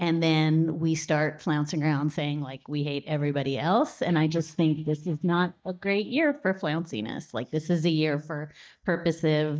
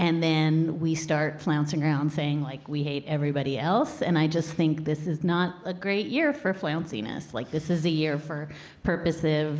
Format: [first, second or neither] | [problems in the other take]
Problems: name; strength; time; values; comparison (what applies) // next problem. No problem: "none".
second | noise reduction (neural mask model DeepFilterNet 3)